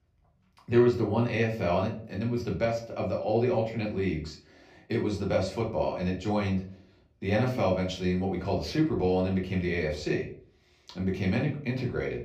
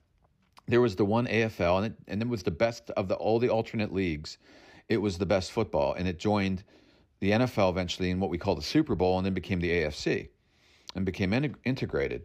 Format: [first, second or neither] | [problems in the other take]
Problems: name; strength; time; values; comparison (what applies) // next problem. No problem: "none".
second | off-mic speech; far // room echo; slight; dies away in 0.4 s